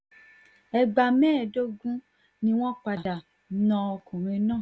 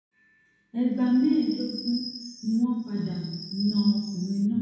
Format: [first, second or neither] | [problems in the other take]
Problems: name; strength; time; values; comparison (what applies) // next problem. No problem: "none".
first | background sound (Chirp, tweet); 15 dB below the speech // room echo; dies away in 1.1 s